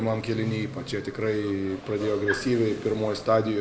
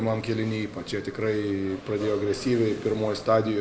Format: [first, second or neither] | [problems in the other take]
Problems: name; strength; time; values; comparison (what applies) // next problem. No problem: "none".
second | background sound (Piano + Dog); 14 dB below the speech